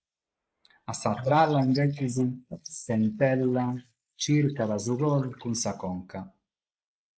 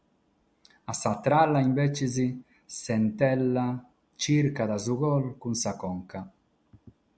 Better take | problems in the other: second | noise reduction (neural mask model Resemble Enhance denoiser)

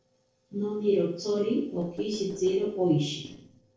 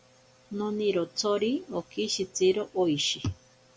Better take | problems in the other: second | noise reduction (neural separator model SepFormer DNS4)

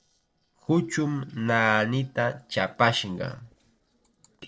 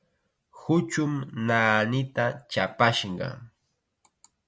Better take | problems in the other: second | noise reduction (neural separator model SepFormer DNS4)

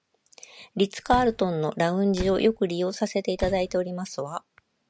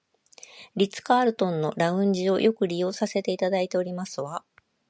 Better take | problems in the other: second | background sound (Slam); 10 dB below the speech

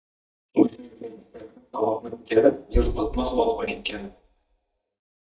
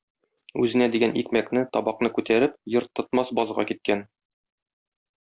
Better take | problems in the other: second | noise reduction (neural mask model DeepFilterNet 3)

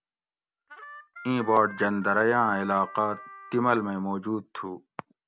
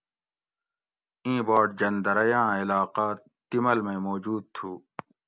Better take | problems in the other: second | background sound (Harmonica); 18 dB below the speech

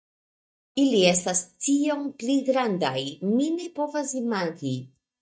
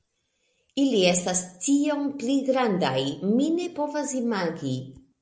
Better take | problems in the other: second | noise reduction (neural mask model DeepFilterNet 3)

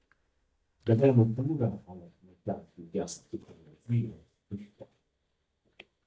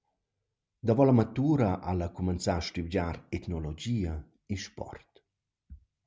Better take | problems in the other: second | noise reduction (neural mask model DeepFilterNet 3)

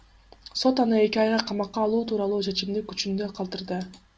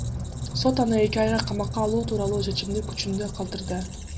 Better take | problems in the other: first | background sound (Squeak); 5 dB below the speech

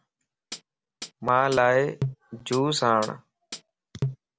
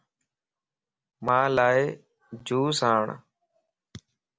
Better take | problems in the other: second | background sound (Hi-hat); 10 dB below the speech

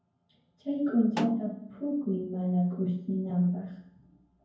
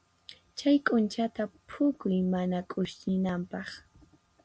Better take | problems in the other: second | background sound (Snare drum); 10 dB below the speech // room echo; dies away in 0.9 s

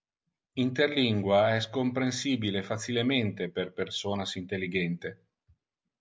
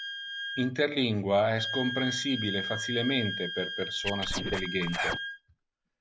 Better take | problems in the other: first | background sound (Scratching (performance technique) + Wind instrument, woodwind instrument); 5 dB below the speech

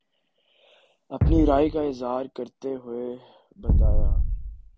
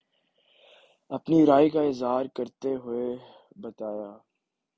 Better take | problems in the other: second | background sound (Thump, thud); 4 dB above the speech

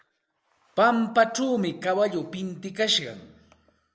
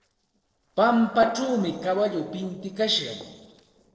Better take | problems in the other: first | noise reduction (neural separator model SepFormer DNS4)

